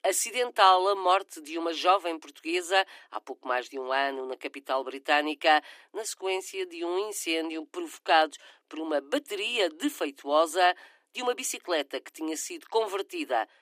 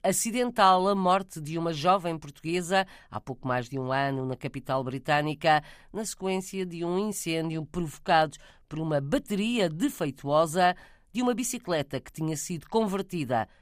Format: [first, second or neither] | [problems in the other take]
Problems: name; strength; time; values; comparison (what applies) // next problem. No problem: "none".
second | thin; somewhat; fading below 300 Hz